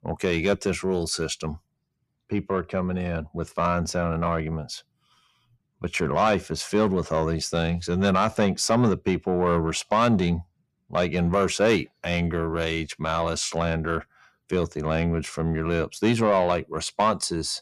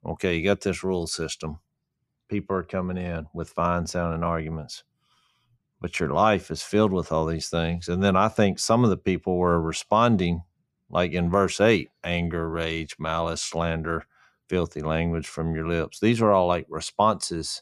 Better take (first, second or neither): second